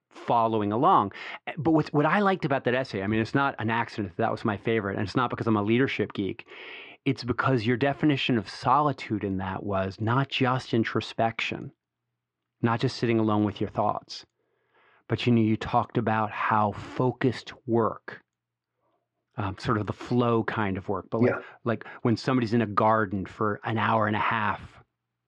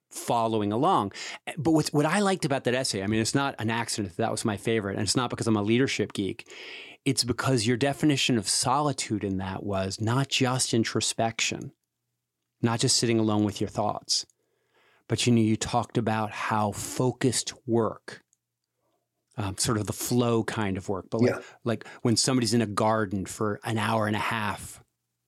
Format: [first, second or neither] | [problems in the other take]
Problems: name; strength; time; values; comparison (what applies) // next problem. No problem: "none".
second | muffled; very; fading above 3 kHz